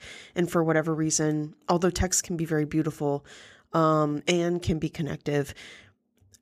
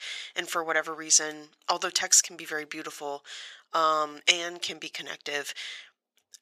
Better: first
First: none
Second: thin; very; fading below 800 Hz

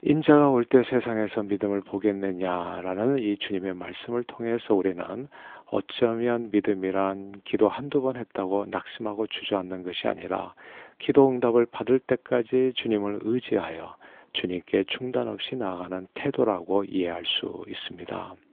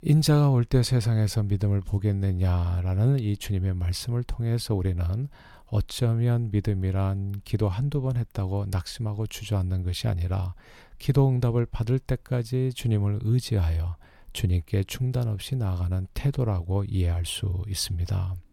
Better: second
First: phone-call audio; nothing above 3.5 kHz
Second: none

